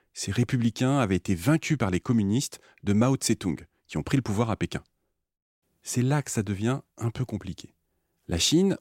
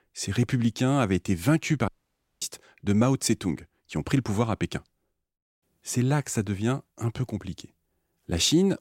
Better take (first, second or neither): first